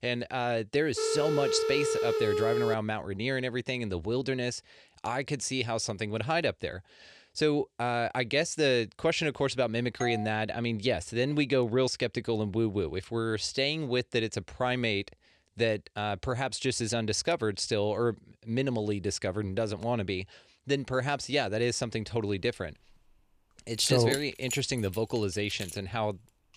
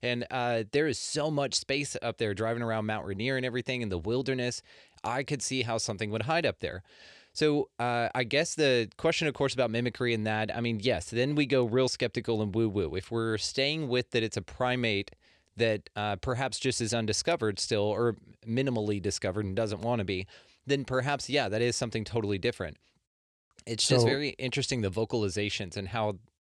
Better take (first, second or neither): second